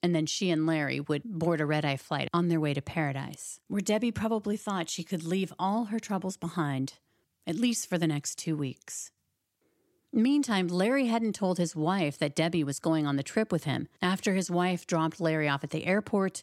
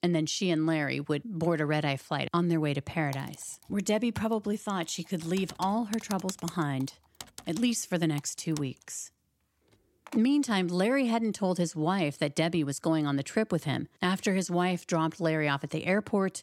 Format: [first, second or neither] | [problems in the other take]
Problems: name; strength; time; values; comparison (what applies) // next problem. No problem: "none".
first | keyboard typing; faint; from 3 to 10 s; peak 10 dB below the speech